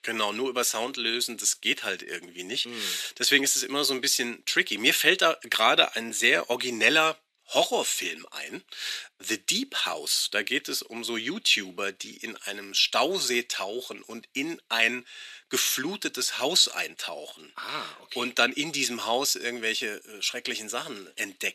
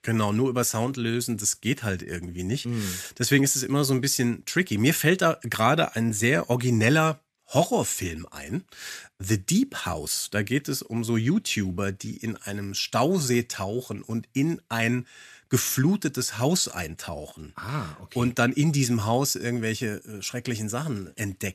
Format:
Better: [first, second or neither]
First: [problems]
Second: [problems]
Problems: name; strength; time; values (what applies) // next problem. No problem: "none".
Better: second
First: thin; somewhat; fading below 350 Hz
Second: none